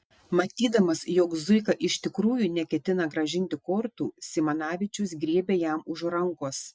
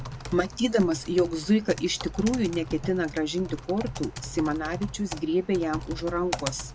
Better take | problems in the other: first | background sound (Typing); 10 dB below the speech

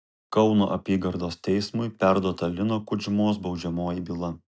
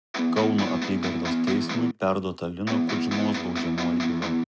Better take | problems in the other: first | background sound (Electric guitar); 3 dB above the speech

